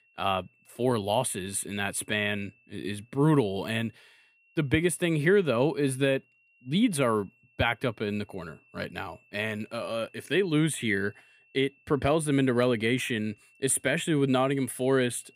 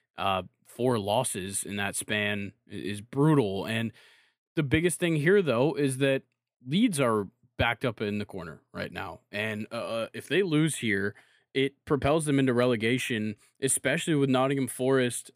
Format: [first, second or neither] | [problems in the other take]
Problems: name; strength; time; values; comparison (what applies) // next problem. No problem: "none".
second | high-pitched whine; faint; throughout; 2.5 kHz, 35 dB below the speech